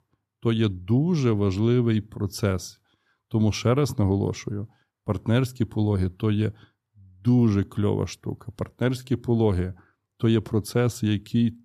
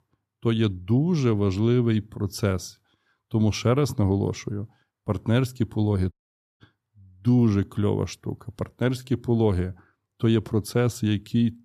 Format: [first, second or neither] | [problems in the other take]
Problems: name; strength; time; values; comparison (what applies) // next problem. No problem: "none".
first | audio cutting out; at 6 s